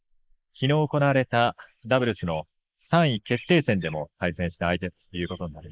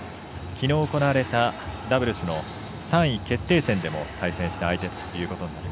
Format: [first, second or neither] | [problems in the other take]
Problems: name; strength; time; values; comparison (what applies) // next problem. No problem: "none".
second | noise reduction (neural mask model Resemble Enhance denoiser)